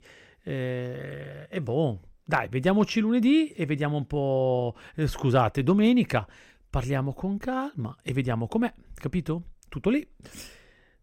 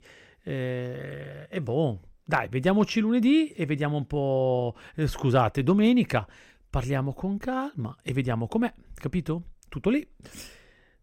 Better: neither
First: none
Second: none

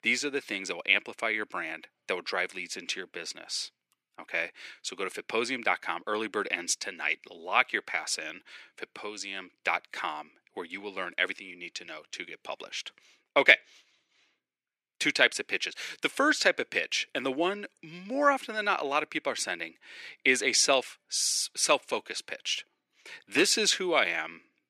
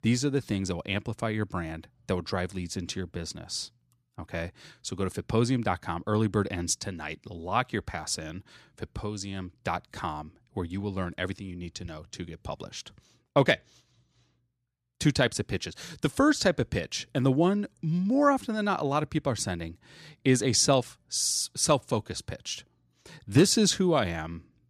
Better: second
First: thin; somewhat; fading below 350 Hz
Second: none

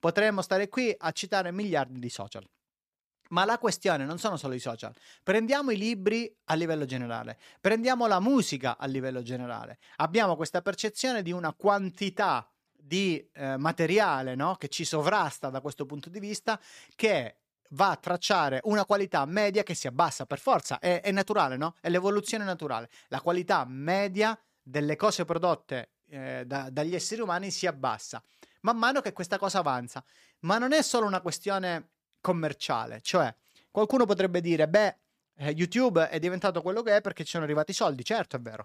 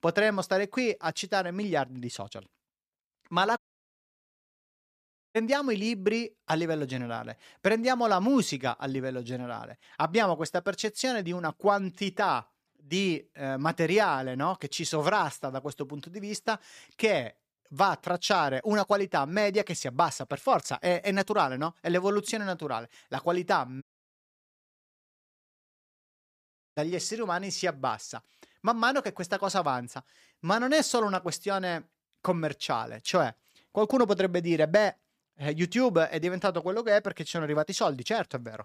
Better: first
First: none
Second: audio cutting out; at 3.5 s for 2 s and at 24 s for 3 s

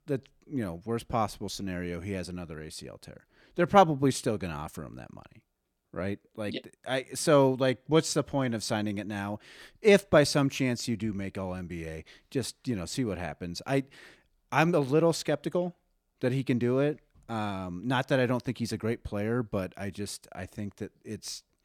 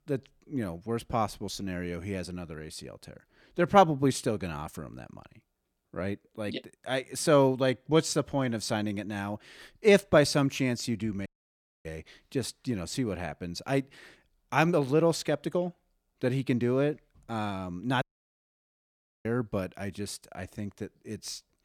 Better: first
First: none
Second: audio cutting out; at 11 s for 0.5 s and at 18 s for 1 s

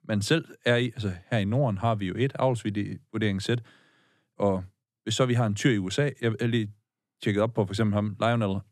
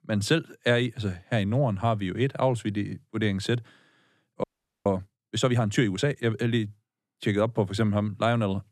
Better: first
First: none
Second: audio freezing; at 4.5 s

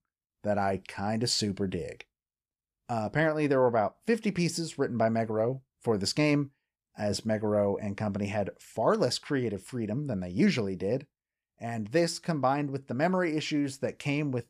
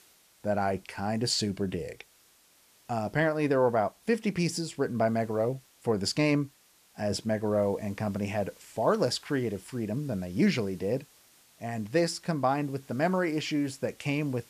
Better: first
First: none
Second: hiss; faint; throughout; 25 dB below the speech

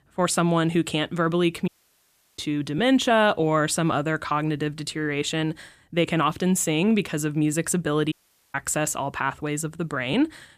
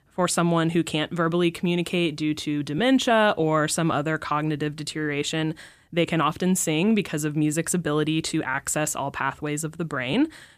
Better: second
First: audio cutting out; at 1.5 s for 0.5 s and at 8 s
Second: none

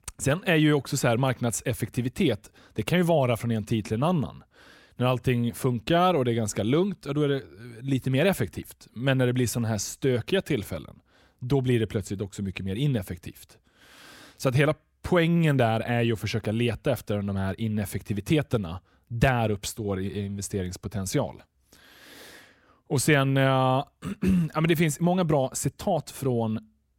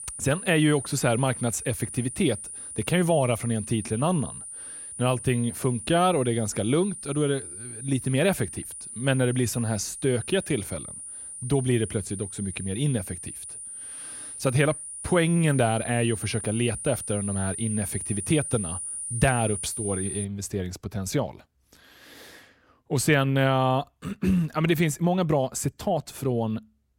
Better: first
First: none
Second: high-pitched whine; loud; until 20 s; 9.5 kHz, 8 dB below the speech

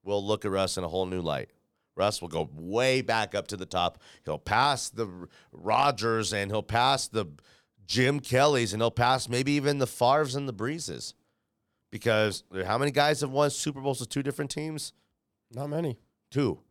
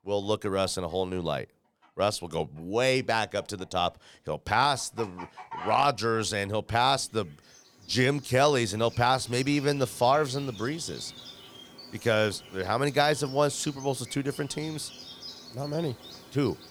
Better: first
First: none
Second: animal sounds; noticeable; throughout; 15 dB below the speech

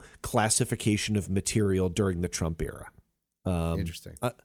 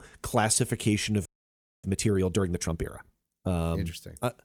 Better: first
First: none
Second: audio freezing; at 1.5 s for 0.5 s

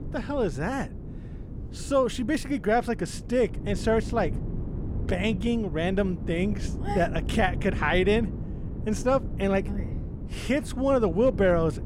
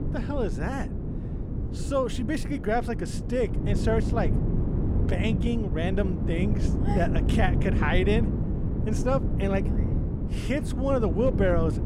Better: first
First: wind noise on the microphone; occasional gusts; 15 dB below the speech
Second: wind noise on the microphone; heavy; 7 dB below the speech

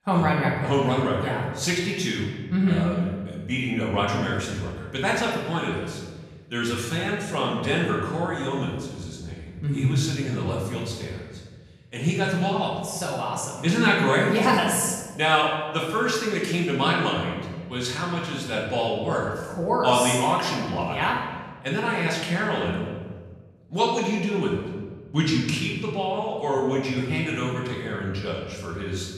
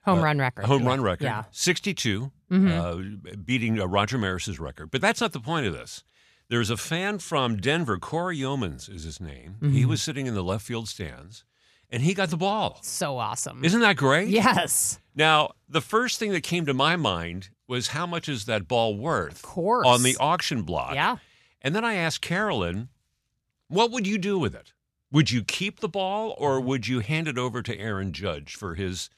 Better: second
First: off-mic speech; far // room echo; noticeable; dies away in 1.2 s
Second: none

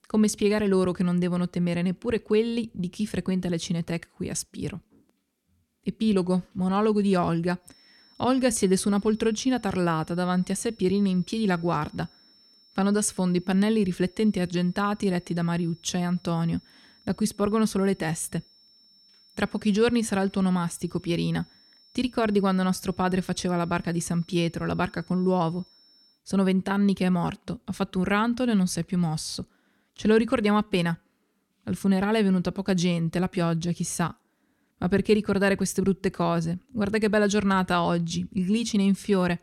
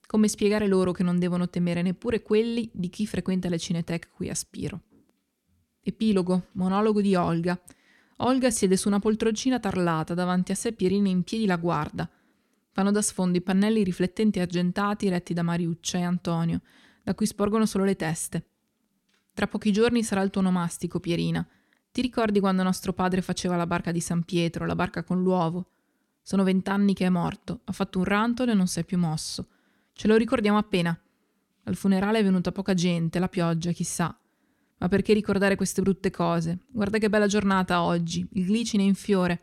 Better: second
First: high-pitched whine; faint; from 7.5 to 26 s; 5.5 kHz, 30 dB below the speech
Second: none

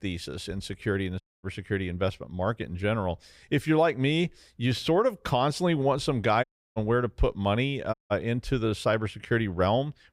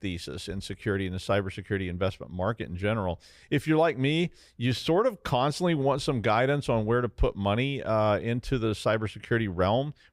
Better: second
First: audio cutting out; at 1 s, at 6.5 s and at 8 s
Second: none

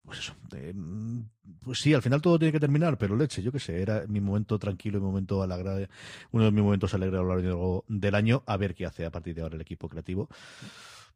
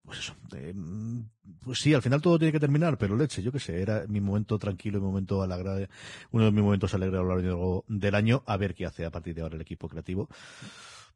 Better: first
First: garbled, watery; slightly; nothing above 15.5 kHz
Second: garbled, watery; badly

